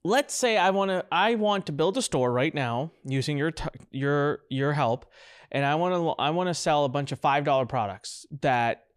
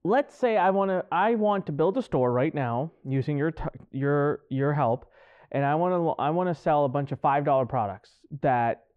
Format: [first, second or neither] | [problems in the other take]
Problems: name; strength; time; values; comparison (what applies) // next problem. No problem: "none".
first | muffled; very; fading above 3.5 kHz